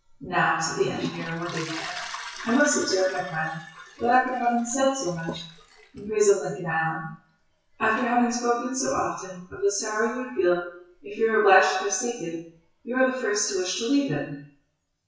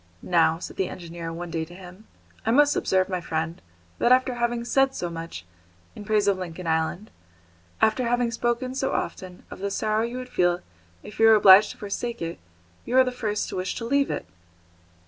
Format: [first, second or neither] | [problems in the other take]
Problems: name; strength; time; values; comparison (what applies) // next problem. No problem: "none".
second | noise reduction (classical method WPE with log-MMSE)